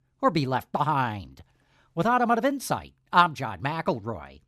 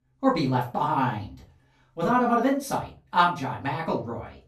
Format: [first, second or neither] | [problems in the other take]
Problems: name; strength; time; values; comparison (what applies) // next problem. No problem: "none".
first | off-mic speech; far // room echo; slight; dies away in 0.3 s